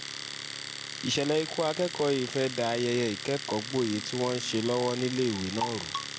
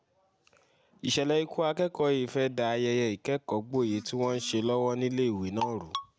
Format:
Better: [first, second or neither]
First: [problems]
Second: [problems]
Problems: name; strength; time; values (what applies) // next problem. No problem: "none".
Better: second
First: background sound (Domestic sounds, home sounds); 8 dB below the speech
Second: none